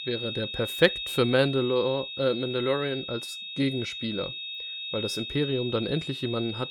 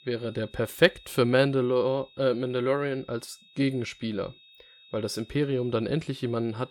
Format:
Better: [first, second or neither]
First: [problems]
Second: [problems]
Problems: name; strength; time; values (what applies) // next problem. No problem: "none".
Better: second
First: high-pitched whine; loud; throughout; 3.5 kHz, 6 dB below the speech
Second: high-pitched whine; faint; throughout; 3.5 kHz, 25 dB below the speech